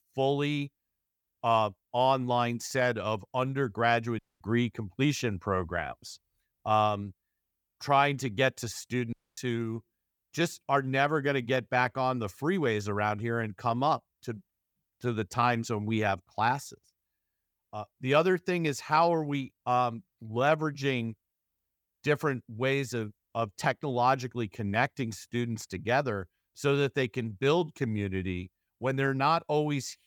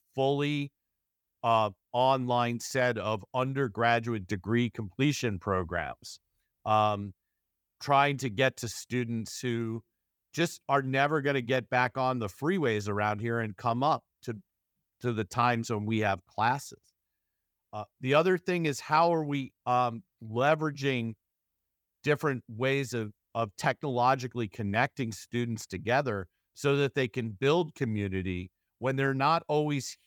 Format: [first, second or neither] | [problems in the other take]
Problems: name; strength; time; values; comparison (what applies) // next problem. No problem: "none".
second | audio cutting out; at 4 s and at 9 s